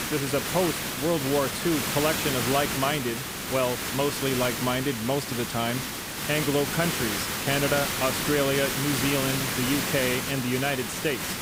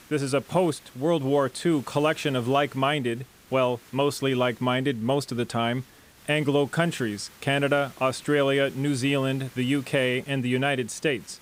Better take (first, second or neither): second